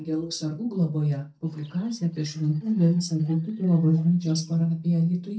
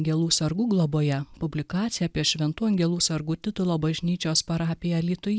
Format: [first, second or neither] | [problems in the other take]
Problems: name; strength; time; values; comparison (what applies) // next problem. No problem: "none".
second | noise reduction (neural mask model DeepFilterNet 3)